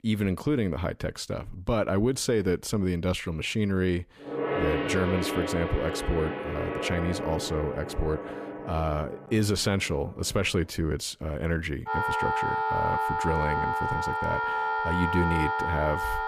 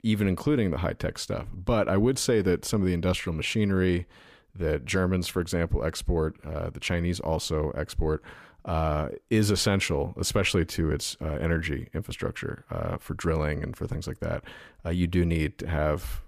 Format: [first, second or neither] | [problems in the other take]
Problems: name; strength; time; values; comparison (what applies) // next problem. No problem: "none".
second | background music; loud; from 4.5 s on; 1 dB below the speech